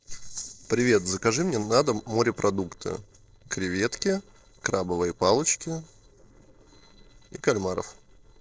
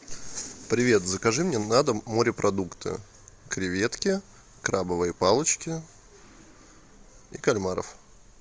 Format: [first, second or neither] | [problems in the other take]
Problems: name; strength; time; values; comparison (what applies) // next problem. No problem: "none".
second | noise reduction (neural separator model SepFormer DNS4)